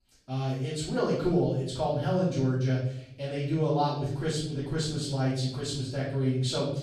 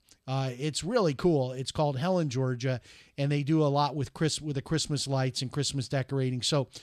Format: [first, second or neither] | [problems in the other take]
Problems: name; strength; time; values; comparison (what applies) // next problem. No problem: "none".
second | off-mic speech; far // room echo; noticeable; dies away in 0.7 s